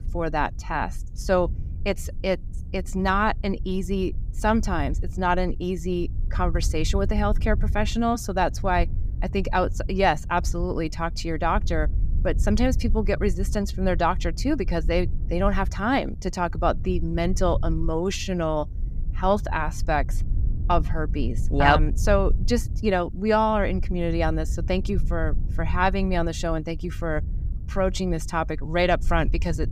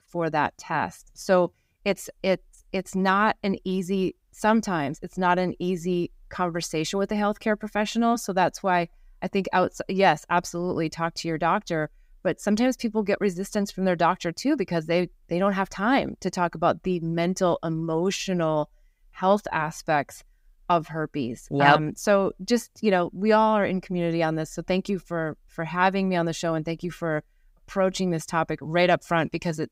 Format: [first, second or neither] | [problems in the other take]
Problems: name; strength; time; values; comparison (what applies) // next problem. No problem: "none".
second | low rumble; faint; throughout; 20 dB below the speech